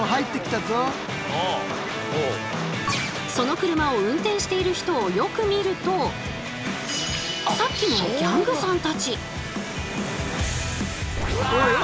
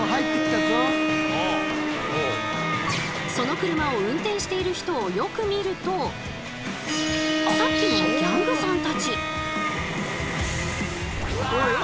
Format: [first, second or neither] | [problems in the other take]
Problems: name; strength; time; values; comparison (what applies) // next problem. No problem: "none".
first | background sound (Bowed string instrument); 1 dB below the speech